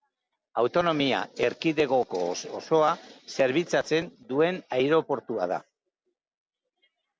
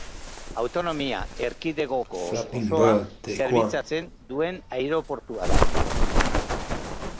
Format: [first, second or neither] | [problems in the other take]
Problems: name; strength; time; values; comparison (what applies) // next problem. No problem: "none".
first | background sound (Bird); 4 dB above the speech